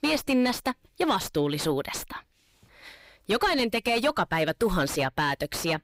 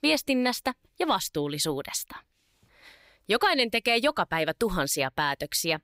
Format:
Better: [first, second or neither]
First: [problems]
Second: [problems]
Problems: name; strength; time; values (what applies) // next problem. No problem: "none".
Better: second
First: distortion; heavy; 7 dB below the speech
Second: none